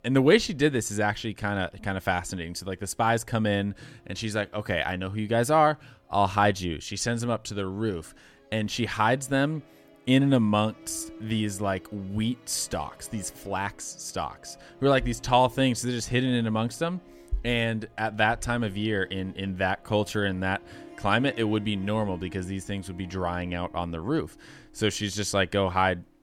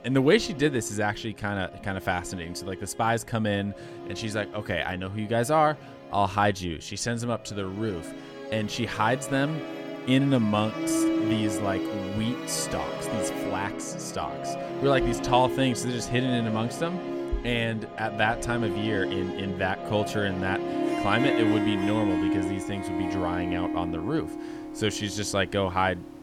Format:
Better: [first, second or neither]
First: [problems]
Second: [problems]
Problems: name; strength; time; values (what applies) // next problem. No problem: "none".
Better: first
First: background music; faint; throughout; 25 dB below the speech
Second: background music; loud; throughout; 4 dB below the speech